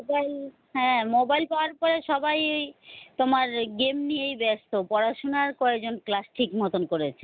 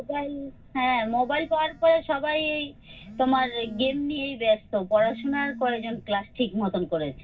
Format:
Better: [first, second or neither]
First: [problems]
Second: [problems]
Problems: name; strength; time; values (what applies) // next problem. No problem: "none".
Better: first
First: none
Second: background sound (Telephone); 18 dB below the speech // room echo; dies away in 0.4 s